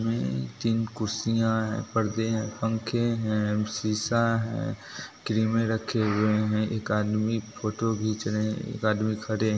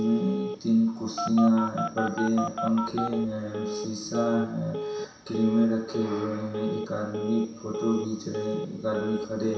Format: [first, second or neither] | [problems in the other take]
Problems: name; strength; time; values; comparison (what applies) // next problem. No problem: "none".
first | background sound (Telephone); 7 dB below the speech // room echo; dies away in 0.7 s